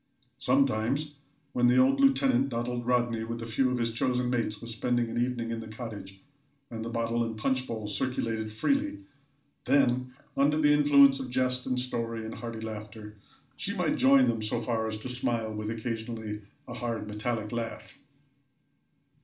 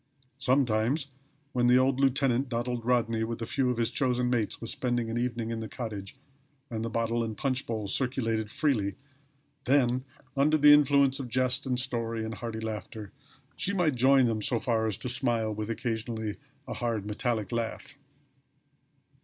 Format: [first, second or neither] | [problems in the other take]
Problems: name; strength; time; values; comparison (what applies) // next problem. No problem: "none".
second | room echo; dies away in 0.4 s